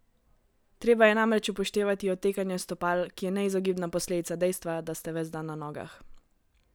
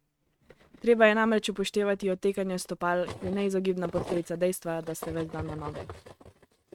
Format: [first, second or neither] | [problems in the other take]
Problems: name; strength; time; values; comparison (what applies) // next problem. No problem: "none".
first | noise reduction (neural mask model RNNoise)